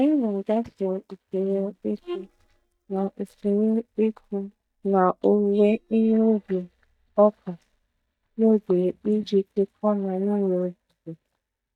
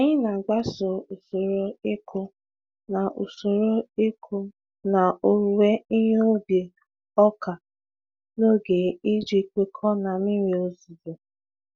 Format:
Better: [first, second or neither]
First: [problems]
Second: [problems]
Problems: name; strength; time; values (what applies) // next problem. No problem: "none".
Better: second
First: noise reduction (neural mask model DeepFilterNet 3)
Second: none